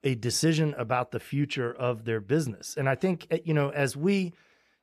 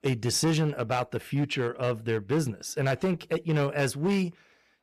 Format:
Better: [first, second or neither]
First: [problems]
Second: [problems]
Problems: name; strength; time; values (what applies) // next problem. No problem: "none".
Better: first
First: none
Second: distortion; slight; 9% of the sound clipped